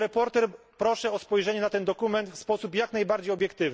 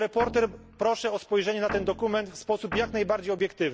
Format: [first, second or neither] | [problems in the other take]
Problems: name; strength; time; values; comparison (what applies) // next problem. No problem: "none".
first | background sound (Guitar); 13 dB below the speech